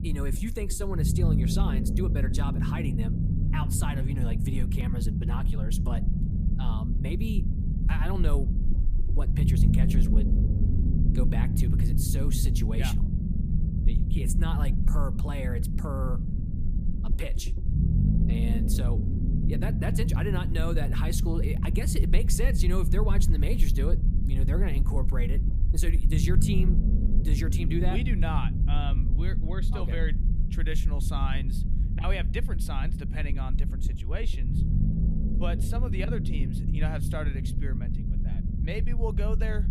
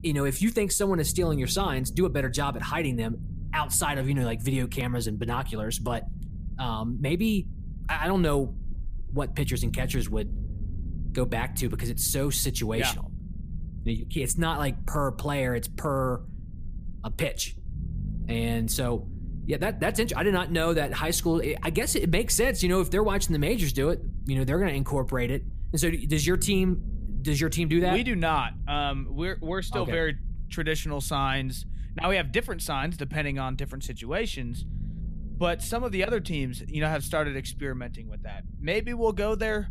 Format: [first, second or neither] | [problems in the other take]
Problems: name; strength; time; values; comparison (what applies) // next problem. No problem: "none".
second | low rumble; loud; throughout; 3 dB below the speech; faint in the second